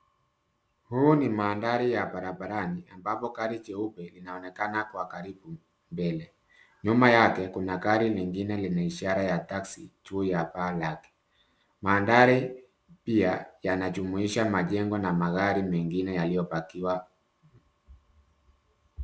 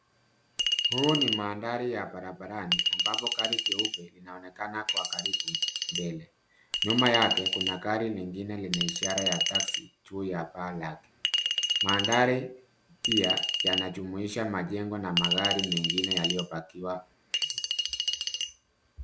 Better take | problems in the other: first | background sound (Chink, clink); 1 dB above the speech

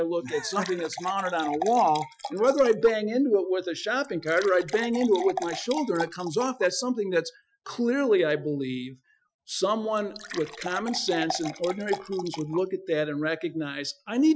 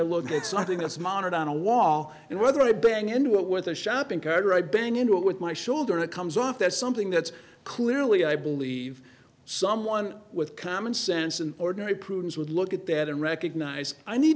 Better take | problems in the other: second | noise reduction (classical method Wiener filter)

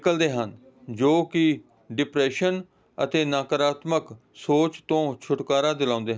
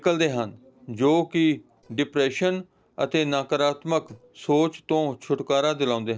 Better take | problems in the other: first | noise reduction (neural separator model SepFormer DNS4)

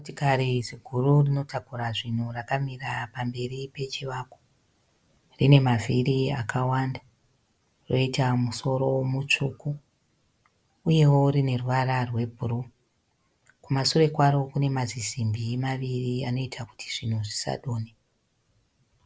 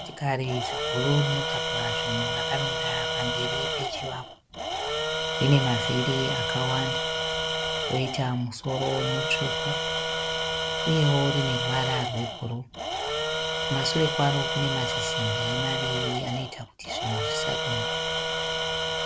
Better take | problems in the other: first | background sound (Tools); 1 dB above the speech

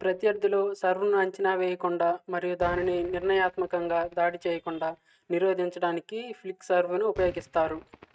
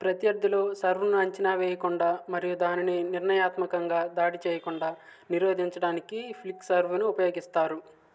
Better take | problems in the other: second | noise reduction (neural mask model RNNoise)

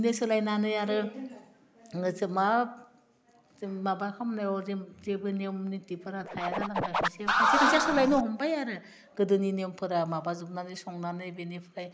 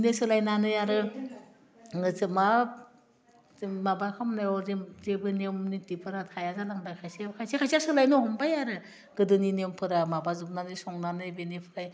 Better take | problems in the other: second | background sound (Scratching (performance technique)); 3 dB above the speech

